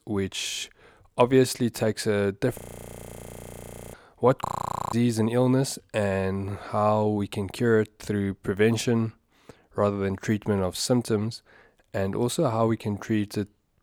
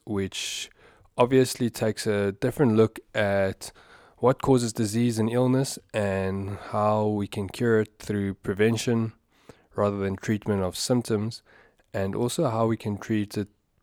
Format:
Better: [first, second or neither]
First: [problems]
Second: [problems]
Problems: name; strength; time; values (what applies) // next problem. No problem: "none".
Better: second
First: audio freezing; at 2.5 s for 1.5 s and at 4.5 s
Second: none